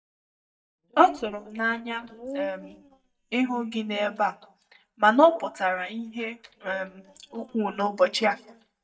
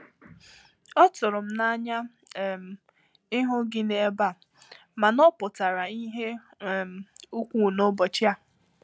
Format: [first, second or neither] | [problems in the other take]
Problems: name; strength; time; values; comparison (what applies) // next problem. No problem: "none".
second | noise reduction (neural mask model DeepFilterNet 3)